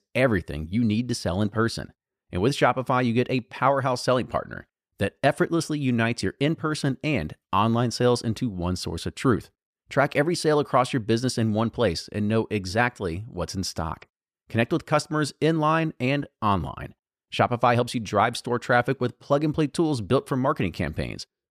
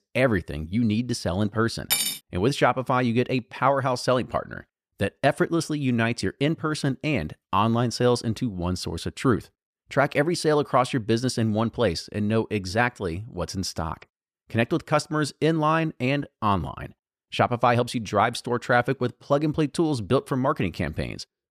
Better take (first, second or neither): first